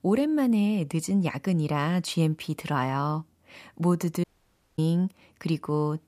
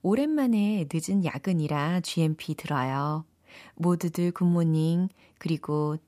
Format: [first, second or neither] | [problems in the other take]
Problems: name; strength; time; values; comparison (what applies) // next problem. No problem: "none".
second | audio cutting out; at 4 s for 0.5 s